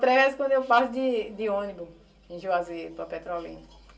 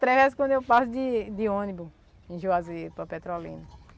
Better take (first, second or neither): second